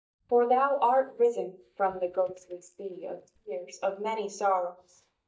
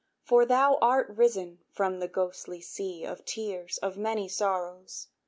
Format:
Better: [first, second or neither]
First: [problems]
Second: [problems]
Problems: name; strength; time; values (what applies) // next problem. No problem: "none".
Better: second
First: noise reduction (neural mask model DeepFilterNet 3)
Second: none